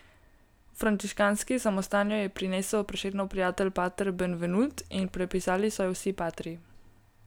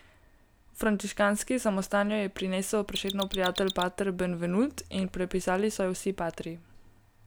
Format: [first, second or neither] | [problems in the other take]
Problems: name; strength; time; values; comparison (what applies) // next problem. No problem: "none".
first | background sound (Mechanisms); 8 dB below the speech